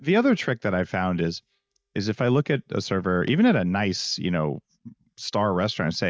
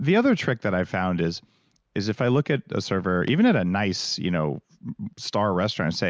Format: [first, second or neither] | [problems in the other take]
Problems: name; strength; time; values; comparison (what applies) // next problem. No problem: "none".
second | noise reduction (neural mask model DeepFilterNet 3)